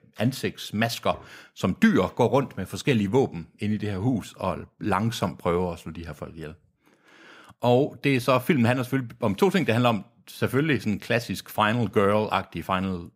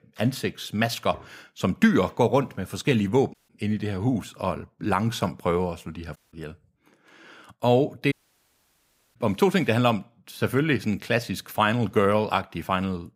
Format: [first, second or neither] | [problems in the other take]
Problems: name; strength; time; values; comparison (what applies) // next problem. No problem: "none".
first | audio cutting out; at 3.5 s, at 6 s and at 8 s for 1 s